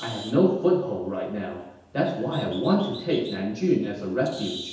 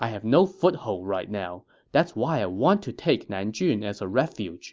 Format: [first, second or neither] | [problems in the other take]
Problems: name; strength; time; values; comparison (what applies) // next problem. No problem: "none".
second | background sound (Bird); 18 dB below the speech // room echo; dies away in 0.9 s